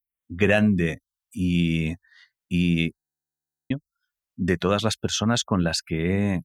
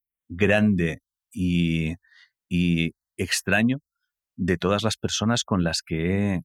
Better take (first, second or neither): second